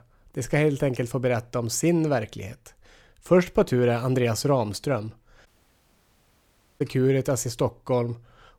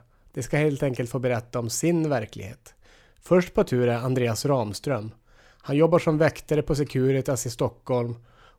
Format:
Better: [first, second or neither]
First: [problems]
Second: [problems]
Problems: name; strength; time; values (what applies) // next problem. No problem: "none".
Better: second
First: audio cutting out; at 5.5 s for 1.5 s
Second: none